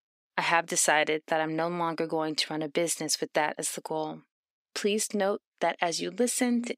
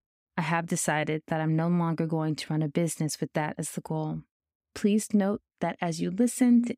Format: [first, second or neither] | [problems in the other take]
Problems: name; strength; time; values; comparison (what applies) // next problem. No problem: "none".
second | thin; somewhat; fading below 450 Hz